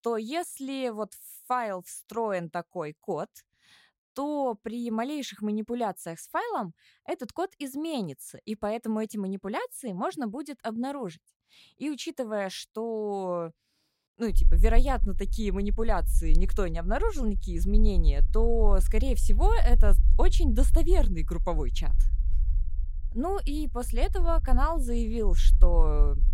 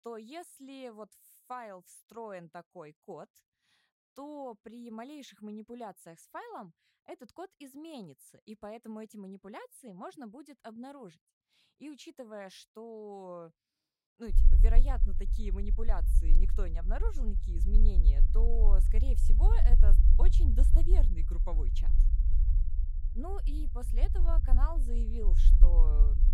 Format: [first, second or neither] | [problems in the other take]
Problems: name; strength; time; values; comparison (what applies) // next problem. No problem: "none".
first | low rumble; loud; from 14 s on; 7 dB below the speech; faint in the first